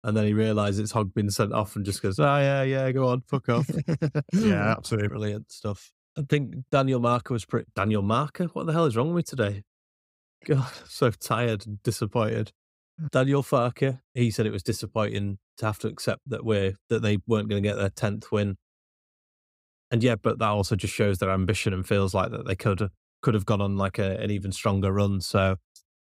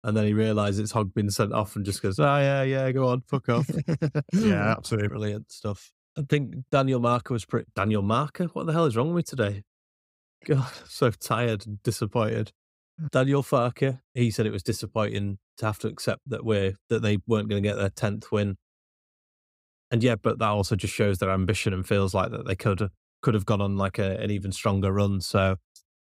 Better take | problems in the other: neither | none

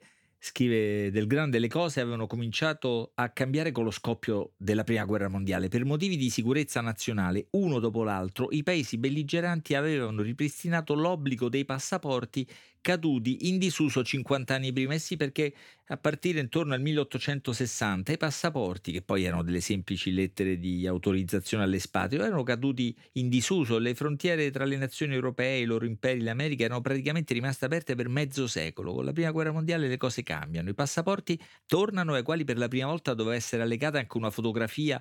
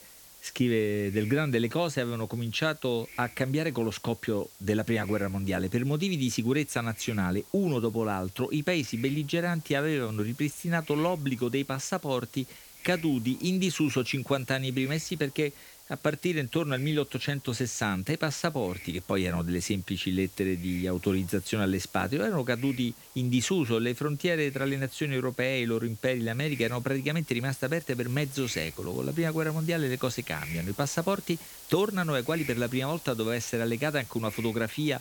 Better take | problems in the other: first | hiss; noticeable; throughout; 15 dB below the speech

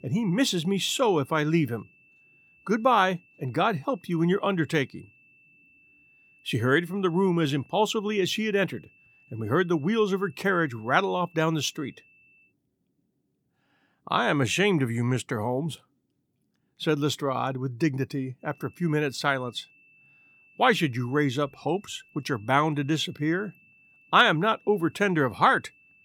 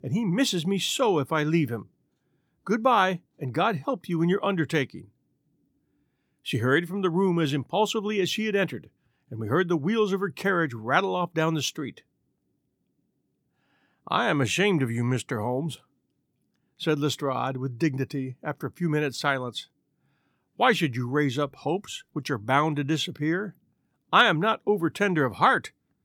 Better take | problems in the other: second | high-pitched whine; faint; until 12 s and from 18 s on; 2.5 kHz, 30 dB below the speech

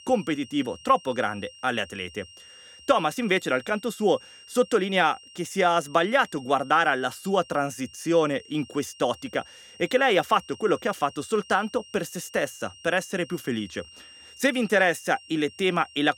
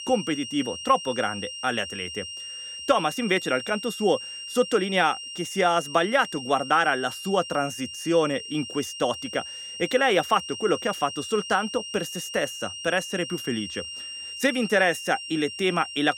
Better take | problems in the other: first | high-pitched whine; loud; throughout; 3 kHz, 9 dB below the speech; faint in the first

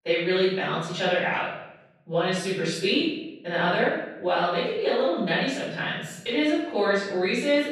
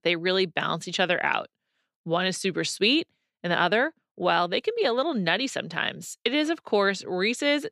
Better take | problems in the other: second | off-mic speech; far // room echo; strong; dies away in 1 s

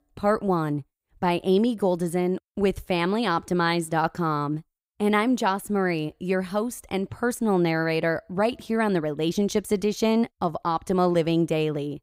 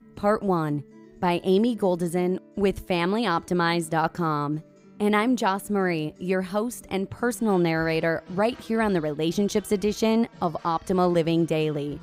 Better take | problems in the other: first | background music; faint; throughout; 25 dB below the speech

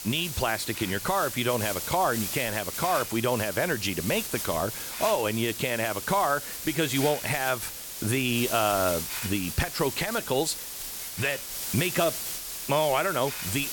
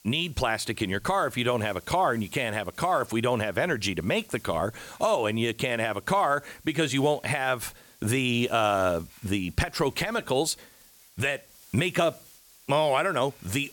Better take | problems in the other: second | hiss; loud; throughout; 5 dB below the speech; faint in the second

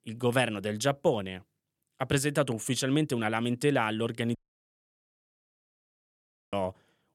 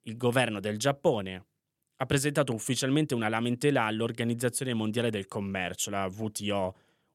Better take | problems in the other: second | audio cutting out; at 4.5 s for 2 s

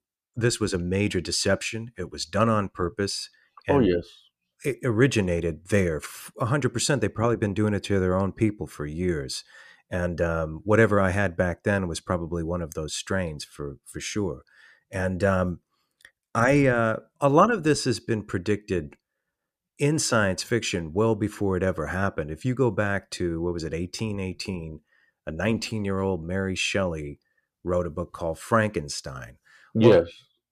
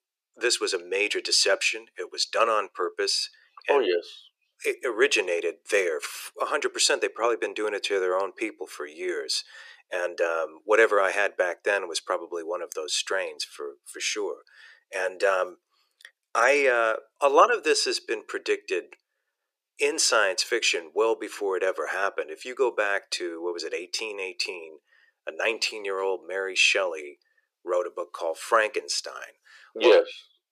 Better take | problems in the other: first | thin; very; fading below 400 Hz

